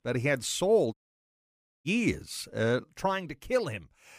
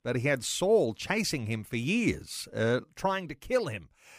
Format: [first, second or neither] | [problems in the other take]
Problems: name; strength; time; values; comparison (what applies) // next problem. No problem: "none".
second | audio cutting out; at 1 s for 1 s